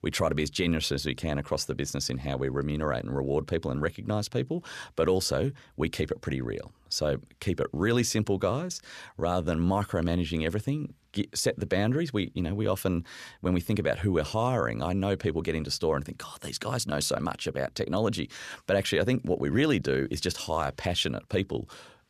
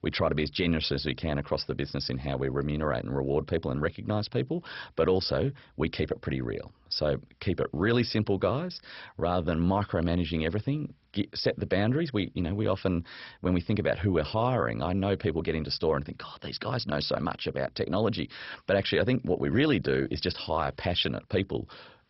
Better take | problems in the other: first | garbled, watery; badly; nothing above 5.5 kHz

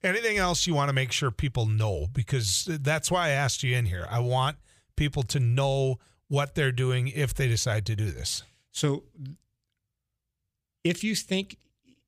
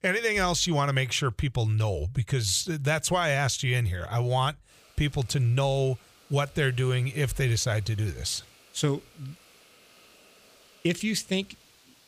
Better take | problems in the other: first | hiss; faint; from 4.5 s on; 30 dB below the speech

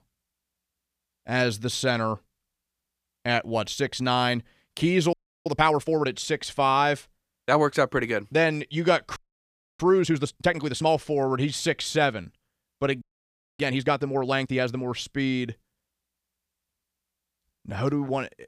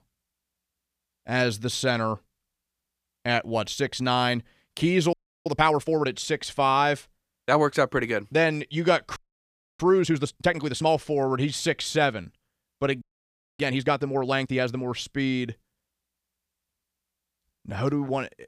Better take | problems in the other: neither | audio freezing; at 5 s, at 9 s for 0.5 s and at 13 s for 0.5 s; the same in both

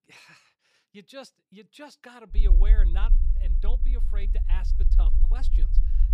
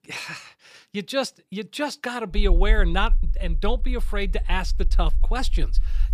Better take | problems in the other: second | low rumble; loud; from 2.5 s on; 5 dB below the speech; faint in the second

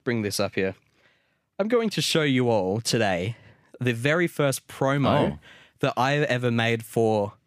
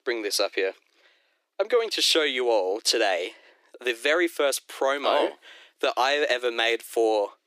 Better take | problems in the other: first | thin; very; fading below 350 Hz

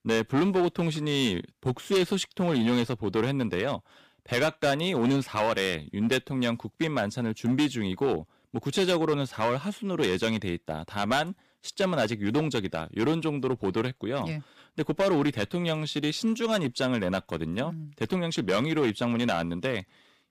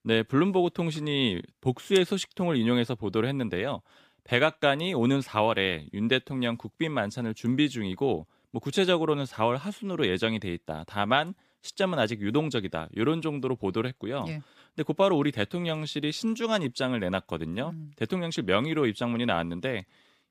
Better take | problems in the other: second | distortion; slight; 6% of the sound clipped

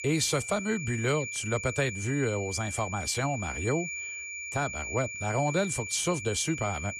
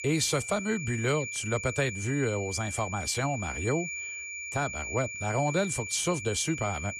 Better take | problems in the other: neither | high-pitched whine; loud; throughout; 2.5 kHz, 6 dB below the speech; the same in both

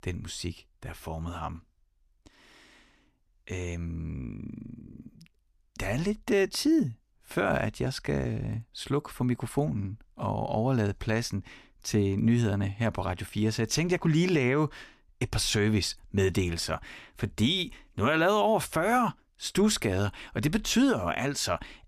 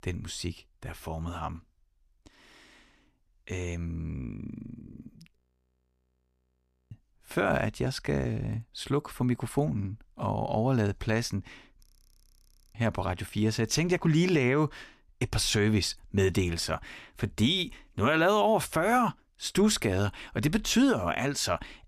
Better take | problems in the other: first | audio freezing; at 5.5 s for 1.5 s and at 12 s for 1 s

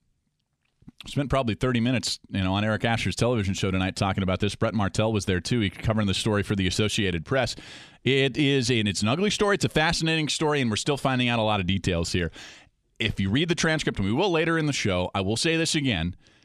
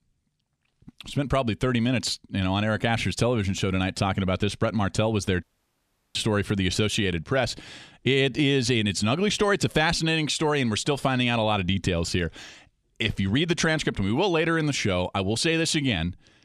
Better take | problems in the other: first | audio cutting out; at 5.5 s for 0.5 s

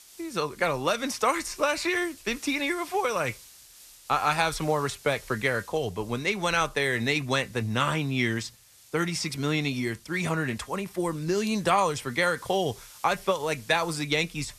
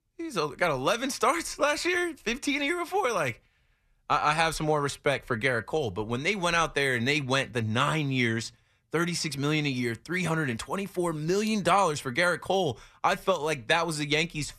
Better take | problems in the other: second | hiss; faint; throughout; 20 dB below the speech

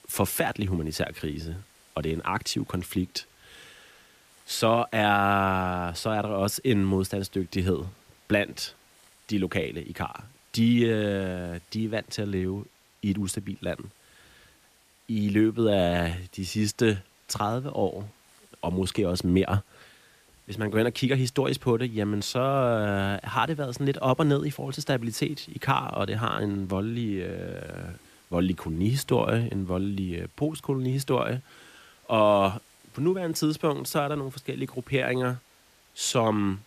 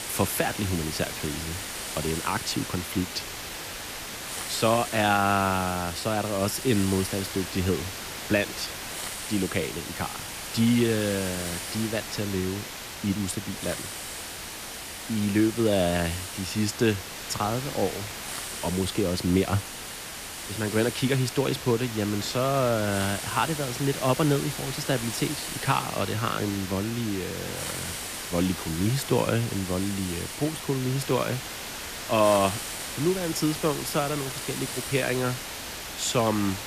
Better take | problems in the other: first | hiss; loud; throughout; 6 dB below the speech; faint in the first

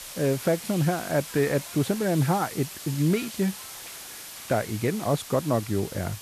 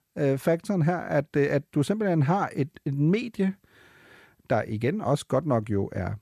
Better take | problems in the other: second | hiss; noticeable; throughout; 10 dB below the speech

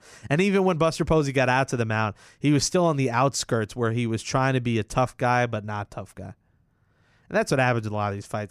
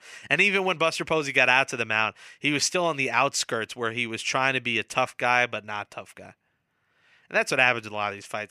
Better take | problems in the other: first | thin; somewhat; fading below 1 kHz

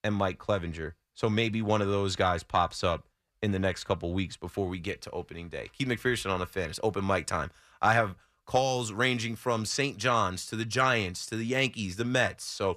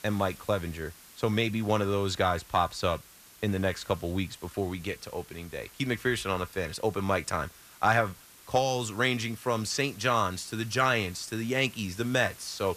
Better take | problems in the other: first | hiss; faint; throughout; 20 dB below the speech

